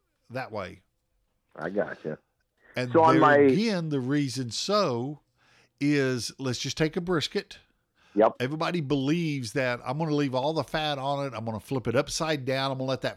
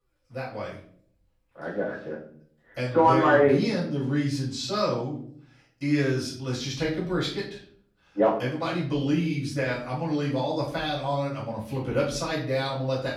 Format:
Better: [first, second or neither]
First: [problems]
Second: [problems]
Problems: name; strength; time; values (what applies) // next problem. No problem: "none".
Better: first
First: none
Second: off-mic speech; far // room echo; noticeable; dies away in 0.5 s